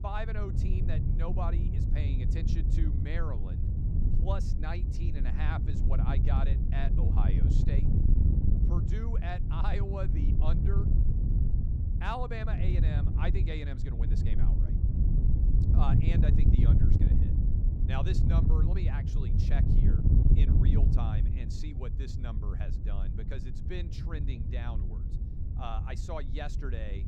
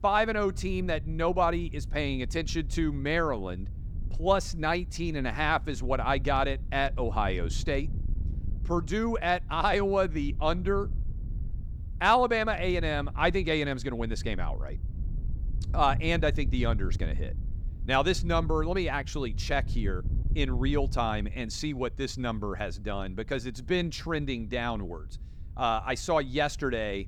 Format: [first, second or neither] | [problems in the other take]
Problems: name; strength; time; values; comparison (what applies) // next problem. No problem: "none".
second | wind noise on the microphone; heavy; 1 dB below the speech; occasional gusts in the second